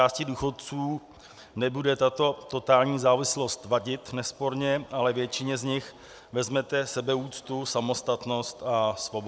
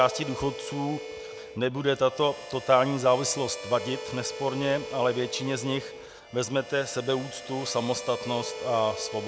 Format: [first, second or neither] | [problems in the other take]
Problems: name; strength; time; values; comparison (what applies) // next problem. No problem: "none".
first | background sound (Harmonica); 11 dB below the speech